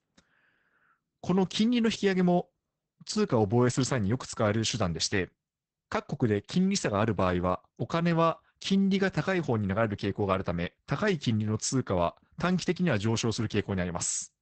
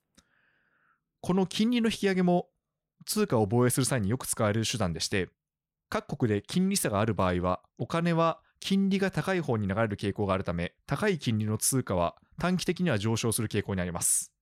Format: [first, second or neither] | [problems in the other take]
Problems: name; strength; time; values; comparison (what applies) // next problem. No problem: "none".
second | garbled, watery; badly; nothing above 8 kHz